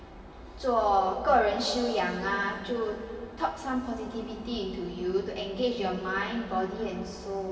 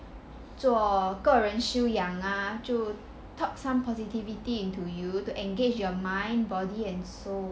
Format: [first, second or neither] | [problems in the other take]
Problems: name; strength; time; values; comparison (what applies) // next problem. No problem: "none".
second | room echo; dies away in 2.5 s